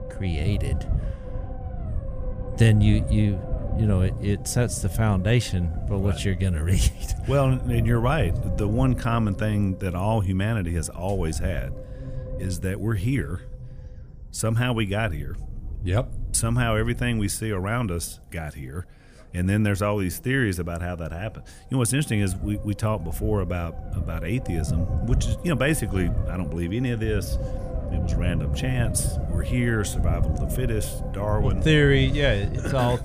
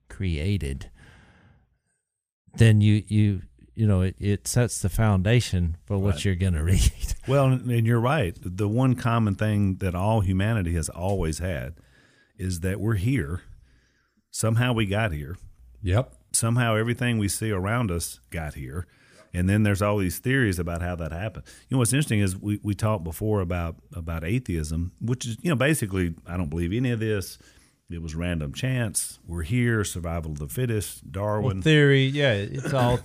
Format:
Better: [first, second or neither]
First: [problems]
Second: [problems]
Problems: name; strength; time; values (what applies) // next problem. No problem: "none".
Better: second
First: low rumble; noticeable; throughout; 10 dB below the speech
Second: none